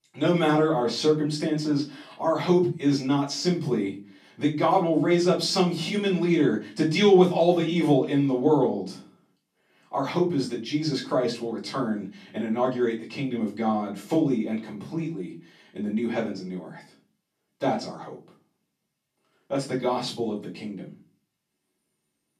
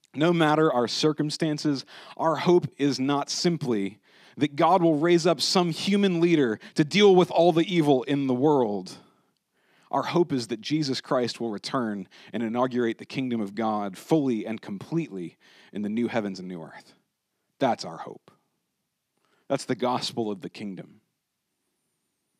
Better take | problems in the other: second | off-mic speech; far // room echo; slight; dies away in 0.3 s

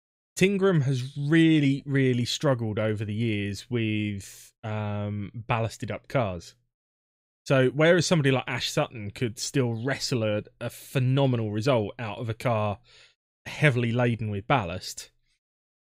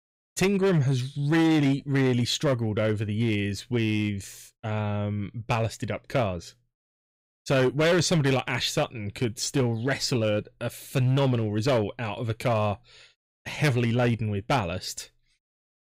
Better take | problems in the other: first | distortion; slight; 6% of the sound clipped

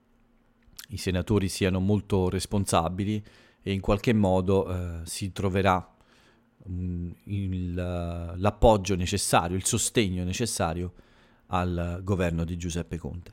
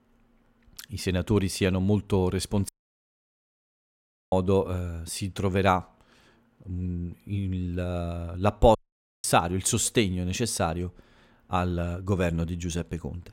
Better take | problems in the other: first | audio cutting out; at 2.5 s for 1.5 s and at 9 s

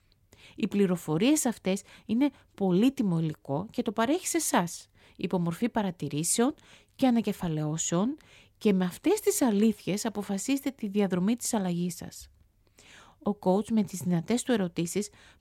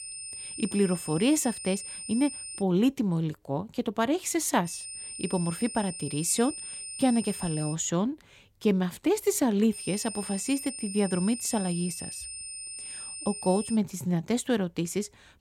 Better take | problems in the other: first | high-pitched whine; loud; until 2.5 s, from 4.5 to 7.5 s and from 9.5 to 14 s; 9 kHz, 8 dB below the speech

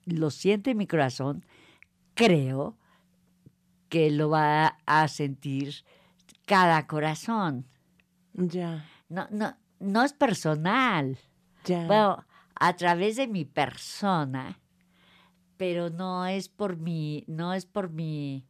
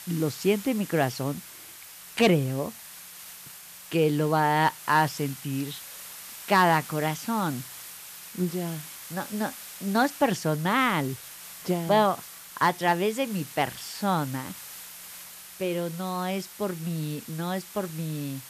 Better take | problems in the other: first | hiss; noticeable; throughout; 15 dB below the speech

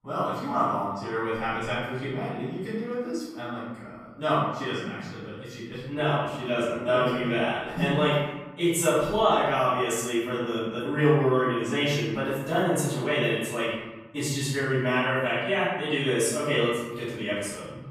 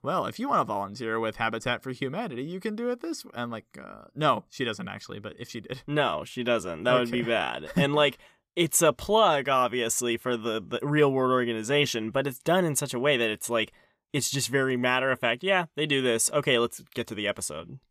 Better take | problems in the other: second | off-mic speech; far // room echo; strong; dies away in 1.1 s

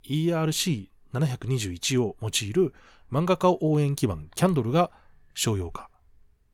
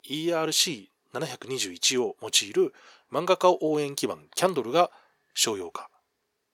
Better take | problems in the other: first | thin; somewhat; fading below 400 Hz

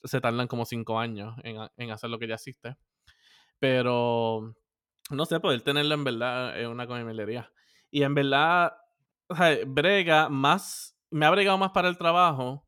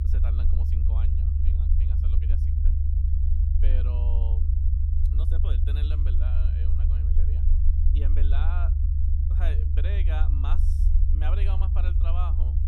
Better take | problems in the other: first | low rumble; loud; throughout; 1 dB below the speech

